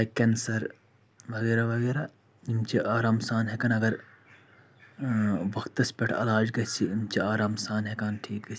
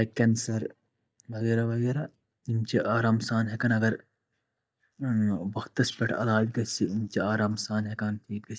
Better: first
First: none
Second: noise reduction (neural mask model DeepFilterNet 3)

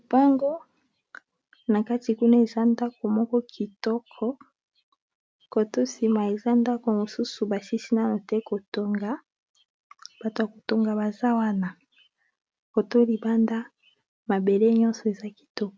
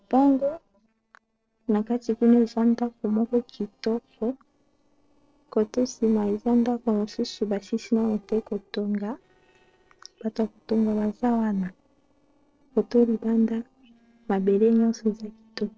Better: first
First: none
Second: noise reduction (neural separator model SepFormer DNS4)

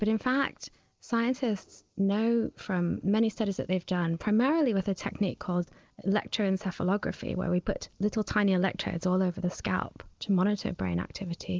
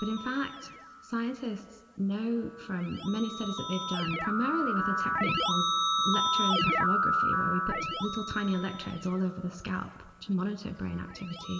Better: first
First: none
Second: background sound (Keyboard (musical)); 1 dB above the speech // room echo; dies away in 2.8 s

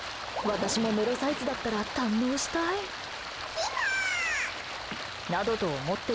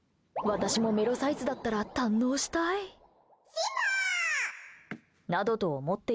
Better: second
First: background sound (Stream); 7 dB below the speech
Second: none

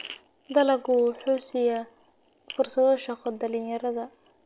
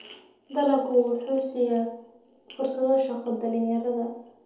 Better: first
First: none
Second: room echo; dies away in 2.1 s

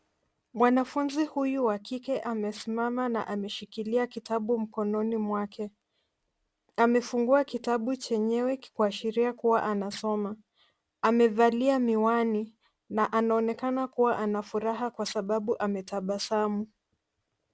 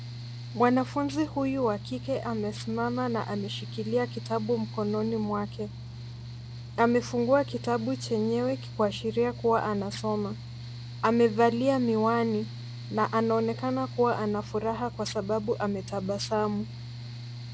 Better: first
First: none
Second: background sound (Mechanical fan); 11 dB below the speech

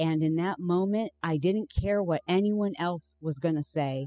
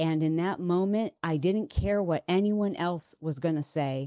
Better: second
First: noise reduction (classical method spectral subtraction)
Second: none

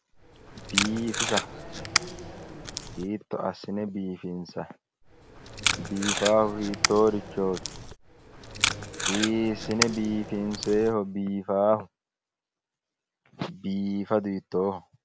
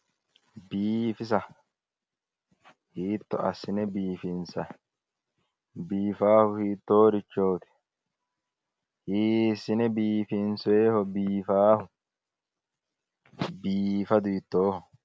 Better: second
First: background sound (Packing tape, duct tape); 2 dB below the speech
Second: none

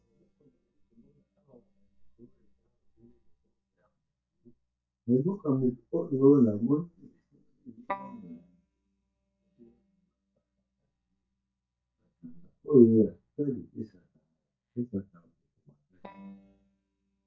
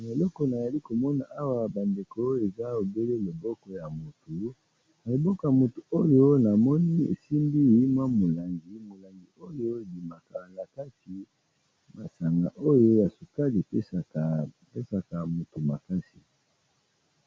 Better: second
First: noise reduction (neural mask model DeepFilterNet 3)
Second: none

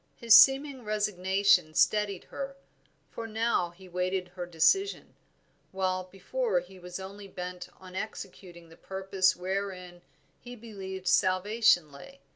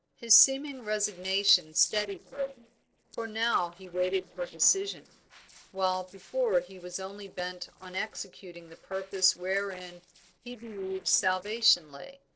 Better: first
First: none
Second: noise reduction (neural separator model SepFormer DNS4)

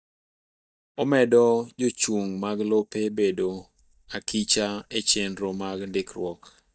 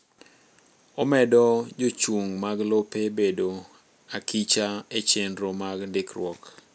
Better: second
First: noise reduction (neural mask model DeepFilterNet 3)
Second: none

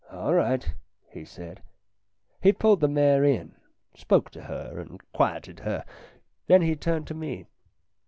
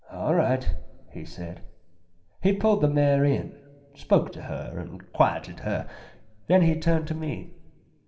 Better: first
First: none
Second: room echo; dies away in 0.7 s

